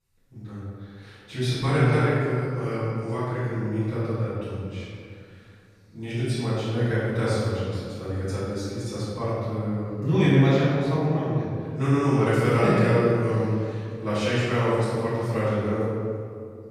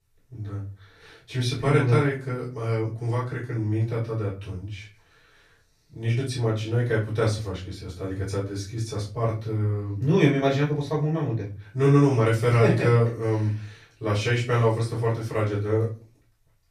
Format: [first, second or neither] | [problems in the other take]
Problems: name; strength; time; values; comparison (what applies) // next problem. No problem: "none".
second | room echo; strong; dies away in 2 s; slight in the second // off-mic speech; far; far in the second